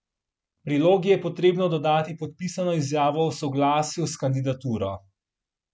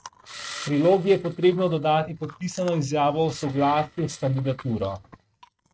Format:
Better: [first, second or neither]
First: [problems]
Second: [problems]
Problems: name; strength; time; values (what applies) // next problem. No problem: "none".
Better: first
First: none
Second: noise reduction (neural mask model RNNoise)